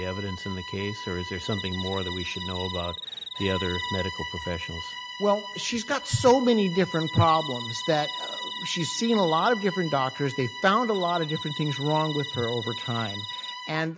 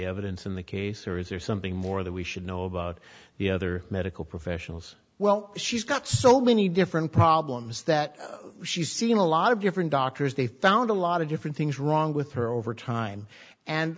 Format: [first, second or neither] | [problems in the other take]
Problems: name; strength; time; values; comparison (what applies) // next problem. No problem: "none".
second | background sound (Bowed string instrument + Cricket); 9 dB below the speech